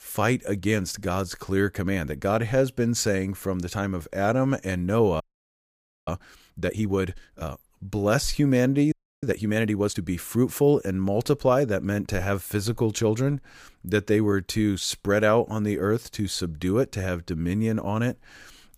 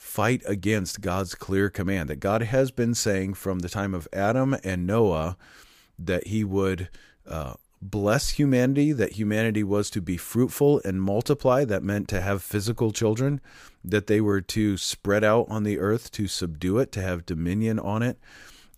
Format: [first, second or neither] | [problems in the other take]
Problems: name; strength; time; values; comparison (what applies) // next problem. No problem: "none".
second | audio freezing; at 5 s for 1 s and at 9 s